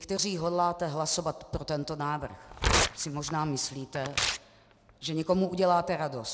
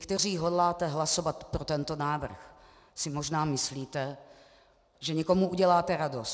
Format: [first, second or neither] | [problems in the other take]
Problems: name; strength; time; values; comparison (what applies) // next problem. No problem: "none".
second | background sound (Tearing); 3 dB below the speech